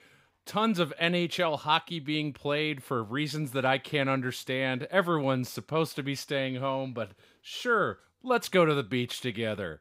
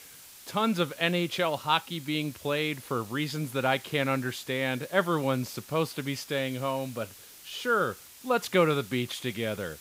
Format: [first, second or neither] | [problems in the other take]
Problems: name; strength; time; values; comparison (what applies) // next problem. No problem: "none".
first | hiss; noticeable; throughout; 20 dB below the speech